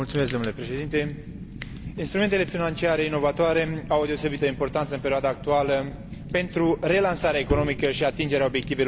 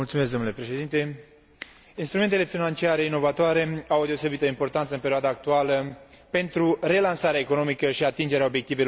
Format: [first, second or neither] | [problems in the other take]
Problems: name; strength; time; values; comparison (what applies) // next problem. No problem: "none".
second | background sound (Bowed string instrument + Fire); 11 dB below the speech